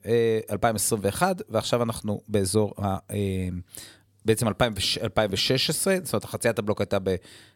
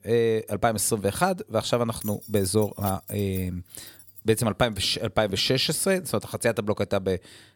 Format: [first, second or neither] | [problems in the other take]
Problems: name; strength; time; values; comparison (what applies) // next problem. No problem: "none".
first | jangling keys; faint; from 2 to 4.5 s; peak 10 dB below the speech